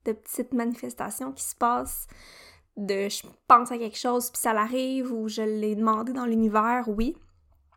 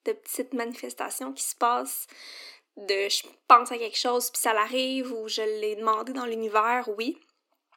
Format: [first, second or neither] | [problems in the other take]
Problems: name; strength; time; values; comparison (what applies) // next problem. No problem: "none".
first | thin; somewhat; fading below 250 Hz